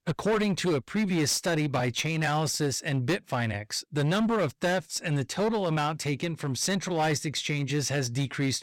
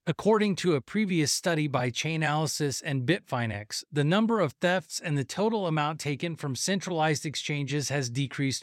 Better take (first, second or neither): second